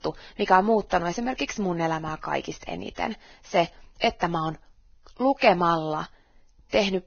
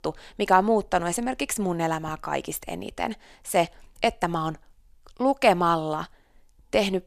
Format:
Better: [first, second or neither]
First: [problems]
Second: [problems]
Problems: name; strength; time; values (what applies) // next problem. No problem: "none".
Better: second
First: garbled, watery; badly; nothing above 6.5 kHz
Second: none